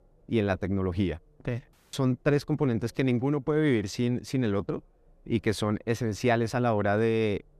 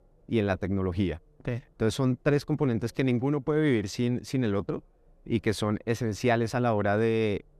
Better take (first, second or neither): second